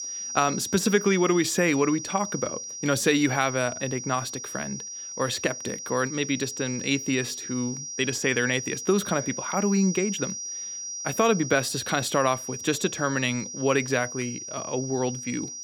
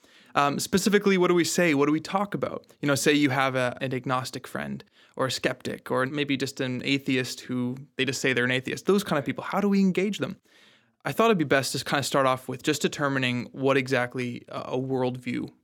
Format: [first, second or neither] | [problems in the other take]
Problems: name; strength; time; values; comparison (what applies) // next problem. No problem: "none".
second | high-pitched whine; loud; throughout; 5.5 kHz, 7 dB below the speech